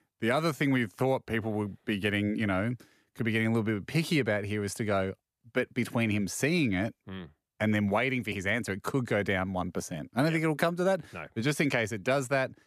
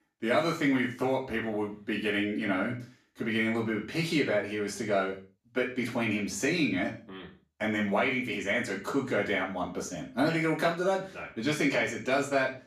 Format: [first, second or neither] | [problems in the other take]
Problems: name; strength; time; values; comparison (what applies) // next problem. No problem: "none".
first | room echo; slight; dies away in 0.4 s // off-mic speech; far